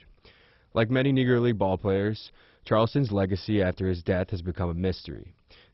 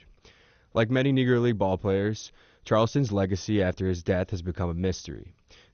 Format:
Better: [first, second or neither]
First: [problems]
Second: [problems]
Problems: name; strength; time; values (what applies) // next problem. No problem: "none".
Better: second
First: garbled, watery; badly; nothing above 5.5 kHz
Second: garbled, watery; slightly; nothing above 6.5 kHz